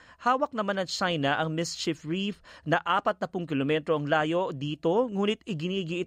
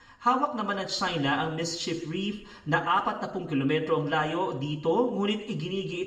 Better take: first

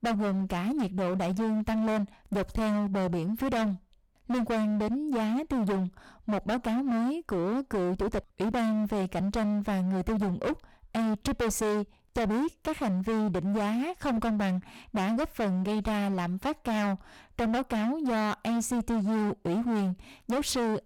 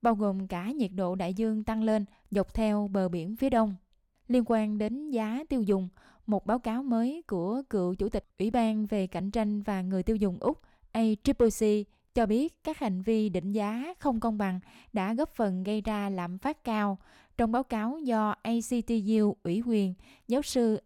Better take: second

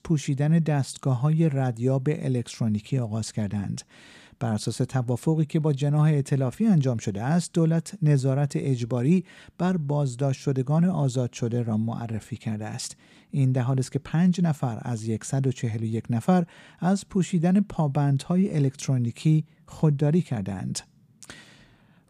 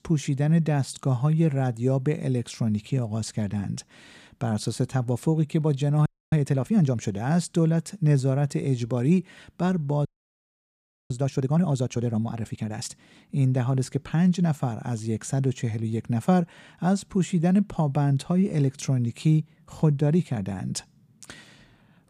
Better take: first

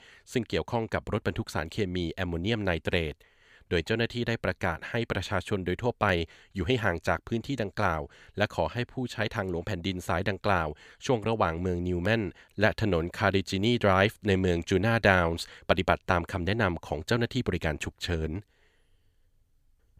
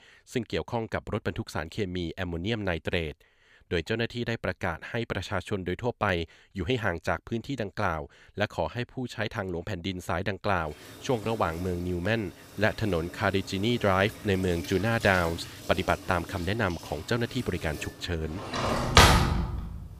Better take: first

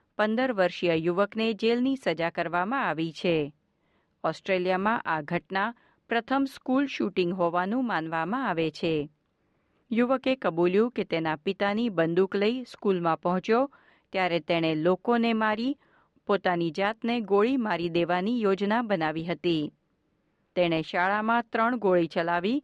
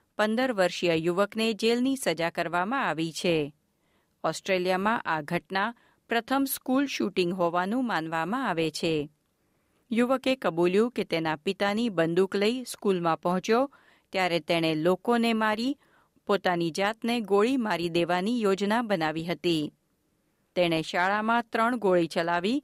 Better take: second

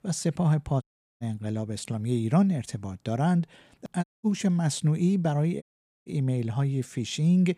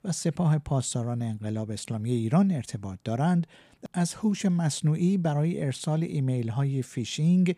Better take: second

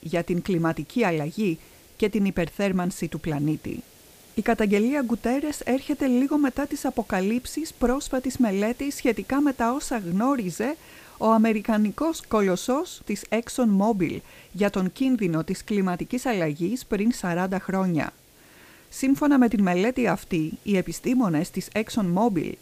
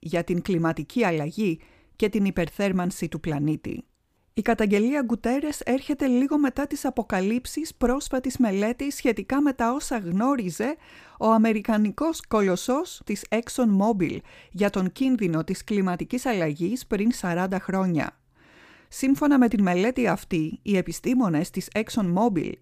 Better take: second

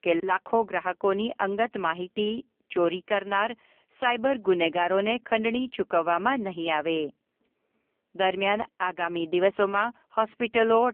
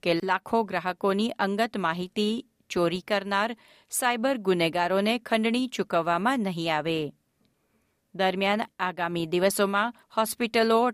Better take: second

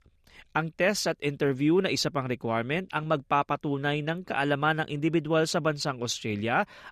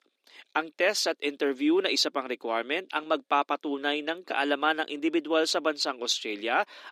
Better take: first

